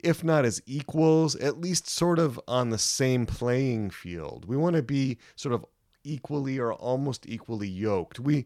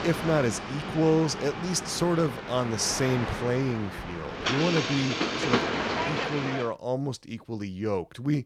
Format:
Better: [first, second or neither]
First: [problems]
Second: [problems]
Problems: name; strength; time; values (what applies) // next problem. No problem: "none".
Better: first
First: none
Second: train or aircraft noise; loud; until 6.5 s; 3 dB below the speech